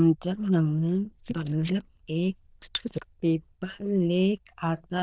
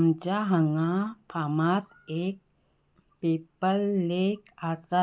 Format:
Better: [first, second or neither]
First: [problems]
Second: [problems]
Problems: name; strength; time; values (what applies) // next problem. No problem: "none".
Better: second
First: noise reduction (neural diffusion model UNIVERSE++)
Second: none